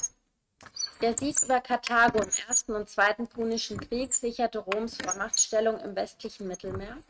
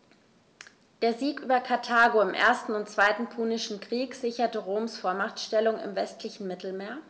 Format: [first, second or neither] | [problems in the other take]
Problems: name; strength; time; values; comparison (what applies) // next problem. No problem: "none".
second | noise reduction (neural mask model RNNoise)